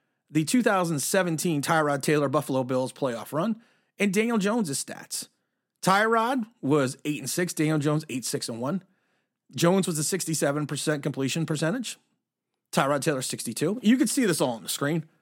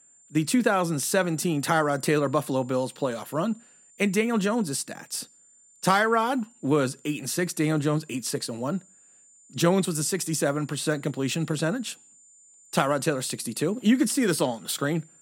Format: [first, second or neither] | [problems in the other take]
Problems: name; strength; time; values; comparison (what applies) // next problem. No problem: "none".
first | high-pitched whine; faint; throughout; 7 kHz, 25 dB below the speech